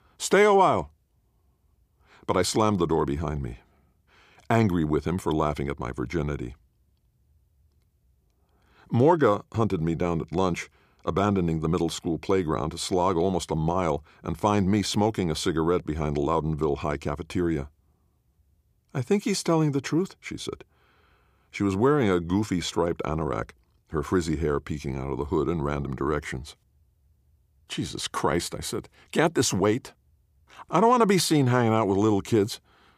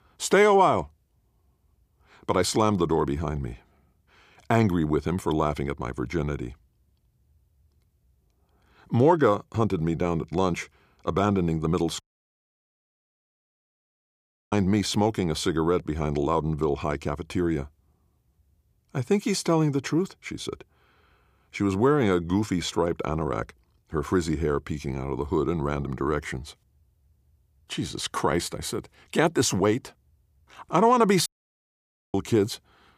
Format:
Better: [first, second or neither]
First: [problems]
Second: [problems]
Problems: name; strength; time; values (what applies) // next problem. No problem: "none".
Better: first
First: none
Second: audio cutting out; at 12 s for 2.5 s and at 31 s for 1 s